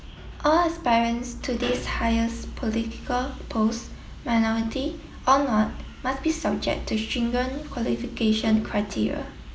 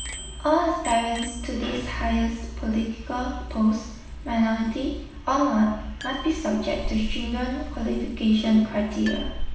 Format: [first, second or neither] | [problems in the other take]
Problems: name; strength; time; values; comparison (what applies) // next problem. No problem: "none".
first | background sound (Bicycle bell); 12 dB below the speech // room echo; dies away in 0.7 s